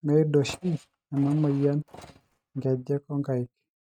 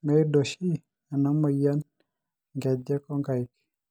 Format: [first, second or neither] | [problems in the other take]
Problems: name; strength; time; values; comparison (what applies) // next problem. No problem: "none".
second | noise reduction (neural mask model RNNoise)